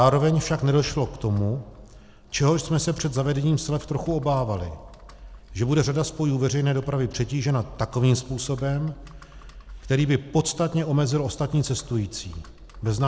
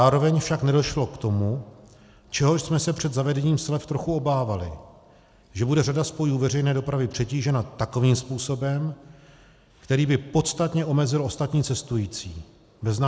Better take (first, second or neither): second